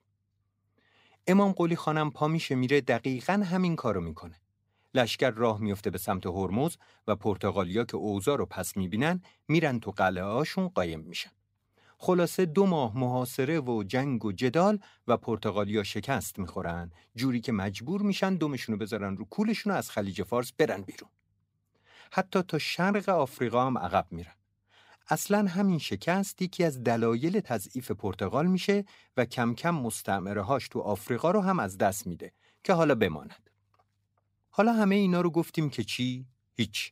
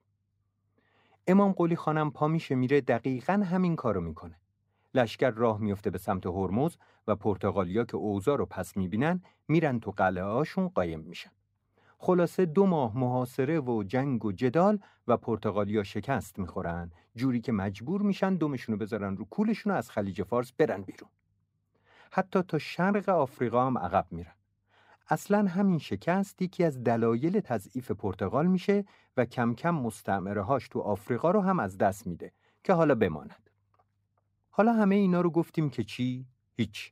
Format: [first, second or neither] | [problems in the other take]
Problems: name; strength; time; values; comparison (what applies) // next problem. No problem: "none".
first | muffled; slightly; fading above 2 kHz